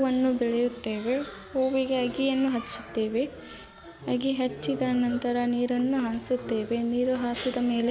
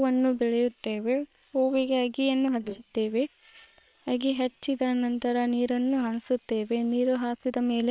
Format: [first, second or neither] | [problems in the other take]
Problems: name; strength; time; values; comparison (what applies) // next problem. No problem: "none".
first | noise reduction (neural separator model SepFormer WHAM!)